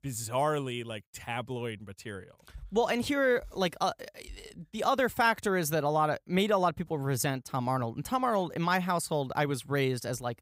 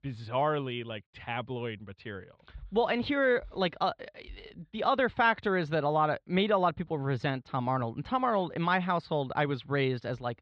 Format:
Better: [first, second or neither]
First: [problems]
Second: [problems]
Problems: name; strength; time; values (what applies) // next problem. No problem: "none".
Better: first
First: none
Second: muffled; slightly; fading above 4 kHz